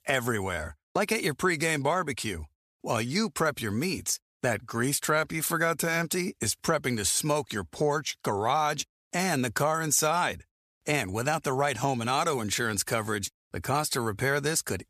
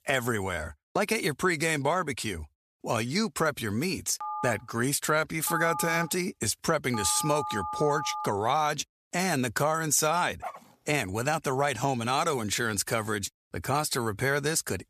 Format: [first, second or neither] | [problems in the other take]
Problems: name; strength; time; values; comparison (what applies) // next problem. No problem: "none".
first | phone ringing; noticeable; from 4 to 8.5 s; peak 6 dB below the speech // dog barking; faint; at 10 s; peak 15 dB below the speech